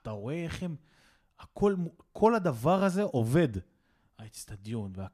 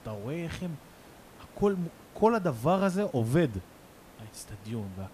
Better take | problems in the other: first | hiss; faint; throughout; 25 dB below the speech

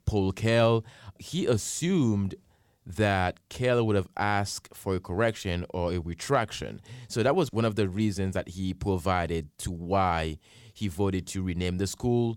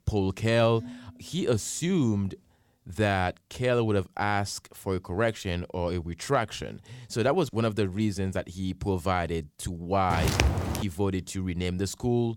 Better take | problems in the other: first | clattering dishes; faint; at 1 s; peak 15 dB below the speech // footsteps; loud; at 10 s; peak 3 dB above the speech

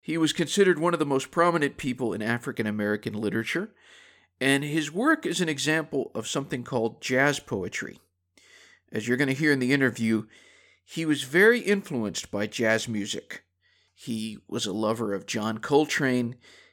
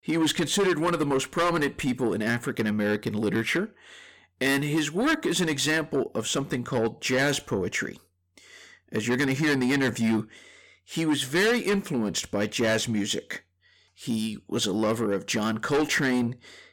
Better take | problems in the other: first | distortion; heavy; 7 dB below the speech

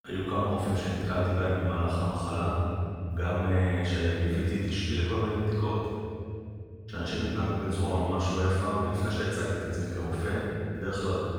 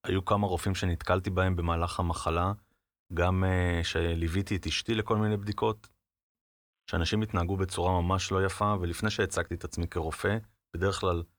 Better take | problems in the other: second | off-mic speech; far // room echo; strong; dies away in 3 s

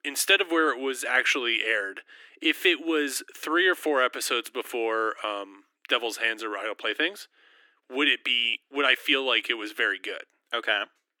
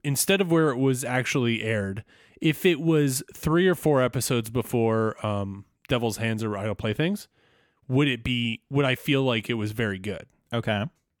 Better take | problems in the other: second | thin; very; fading below 300 Hz

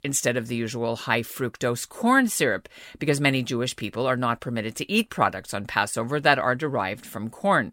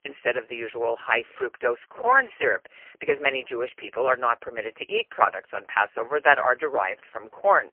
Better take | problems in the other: first | phone-call audio; poor line; nothing above 3 kHz

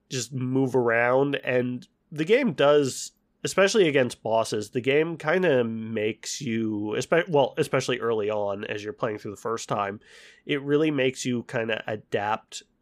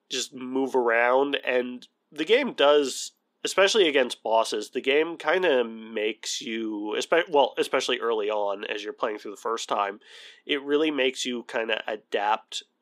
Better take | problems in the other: first | thin; very slightly; fading below 250 Hz

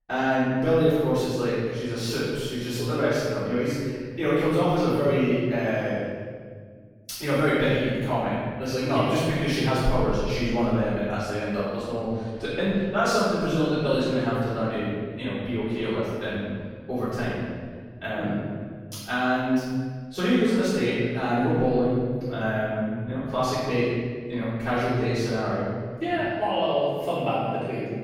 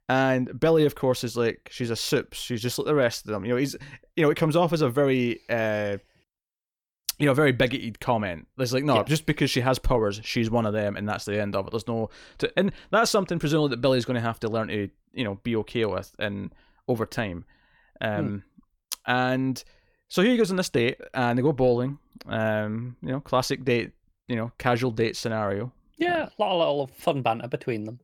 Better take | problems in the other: second | off-mic speech; far // room echo; strong; dies away in 1.7 s

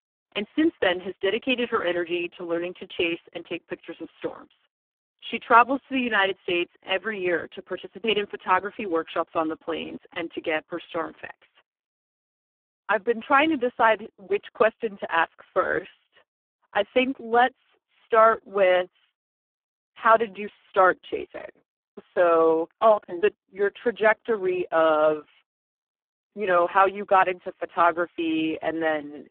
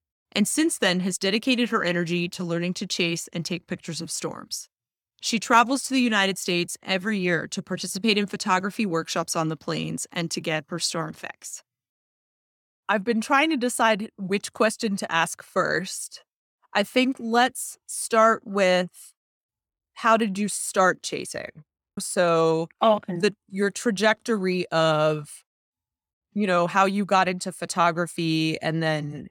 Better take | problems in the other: second | phone-call audio; poor line

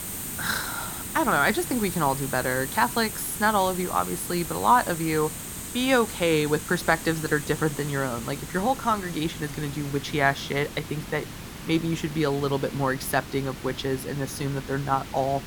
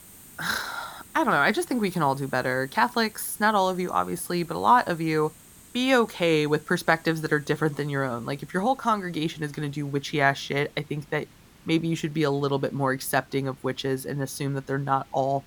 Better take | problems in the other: second | hiss; loud; throughout; 9 dB below the speech; faint in the second

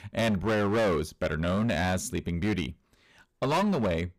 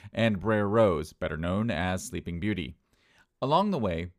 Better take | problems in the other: second | distortion; heavy; 15% of the sound clipped

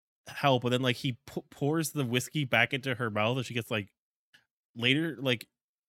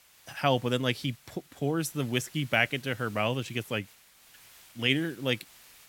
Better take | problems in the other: first | hiss; faint; throughout; 25 dB below the speech

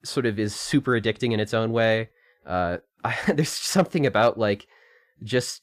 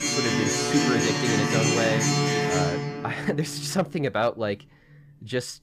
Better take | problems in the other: first | background music; very loud; throughout; 4 dB above the speech

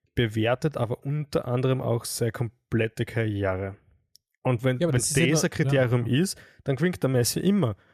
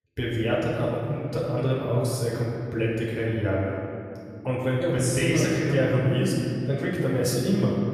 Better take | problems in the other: first | off-mic speech; far // room echo; noticeable; dies away in 2.4 s

